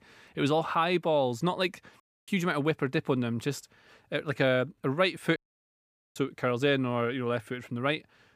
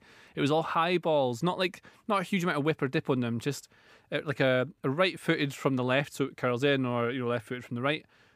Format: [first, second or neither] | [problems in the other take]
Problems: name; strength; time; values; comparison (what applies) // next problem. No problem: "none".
second | audio cutting out; at 2 s and at 5.5 s for 1 s